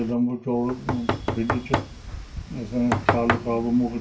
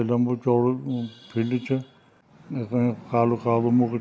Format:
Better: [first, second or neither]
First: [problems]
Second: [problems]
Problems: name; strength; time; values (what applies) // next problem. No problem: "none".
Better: second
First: background sound (Knock); 2 dB below the speech // room echo; dies away in 0.2 s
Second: none